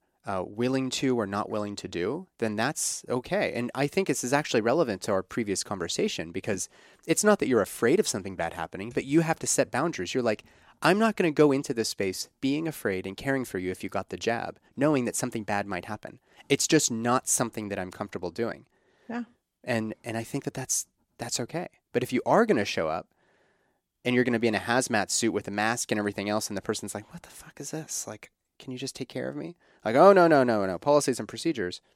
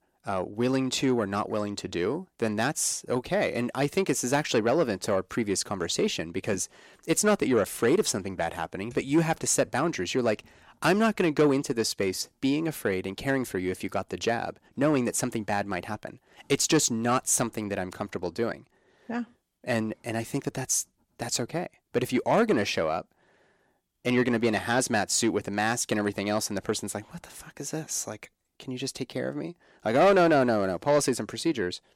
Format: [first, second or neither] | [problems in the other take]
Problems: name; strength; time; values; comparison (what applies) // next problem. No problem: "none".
first | distortion; slight; 10 dB below the speech